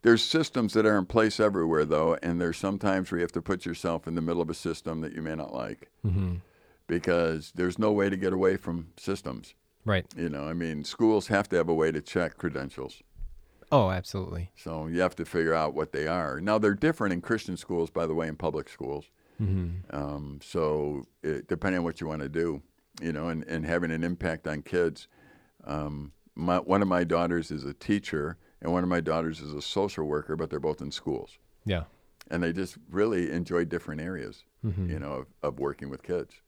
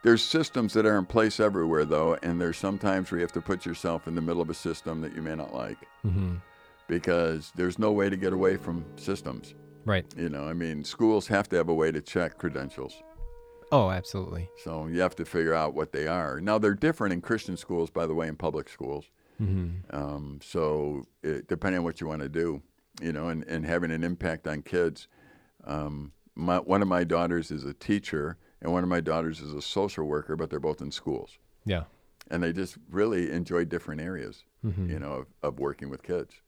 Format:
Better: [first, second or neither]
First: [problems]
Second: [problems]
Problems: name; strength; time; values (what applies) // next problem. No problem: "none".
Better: first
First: none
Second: background music; faint; until 18 s; 25 dB below the speech